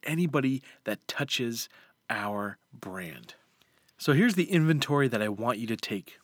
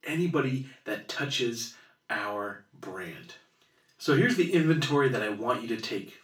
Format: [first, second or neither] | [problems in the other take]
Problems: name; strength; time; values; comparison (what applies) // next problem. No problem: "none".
first | room echo; slight; dies away in 0.3 s // off-mic speech; far